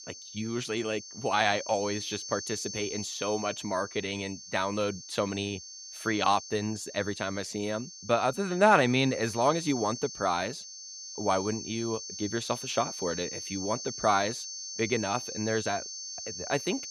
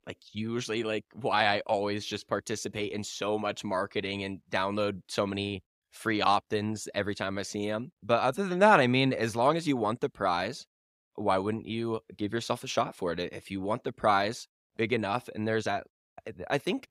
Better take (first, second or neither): second